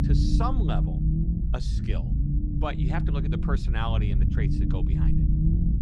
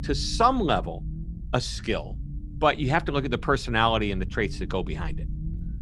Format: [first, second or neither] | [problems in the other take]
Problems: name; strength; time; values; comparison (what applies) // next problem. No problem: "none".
second | low rumble; loud; throughout; 2 dB below the speech; faint in the second